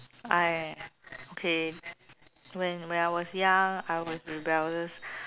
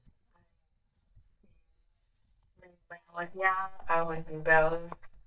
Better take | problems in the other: first | noise reduction (neural mask model DeepFilterNet 3)

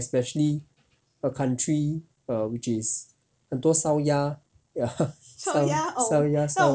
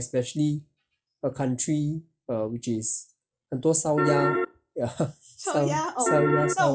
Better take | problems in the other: first | noise reduction (classical method log-MMSE)

